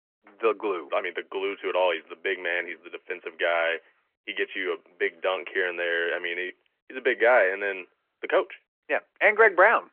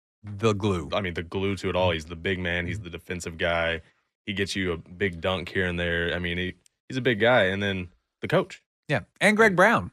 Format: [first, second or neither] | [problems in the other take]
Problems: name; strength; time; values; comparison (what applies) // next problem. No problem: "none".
second | phone-call audio; nothing above 3 kHz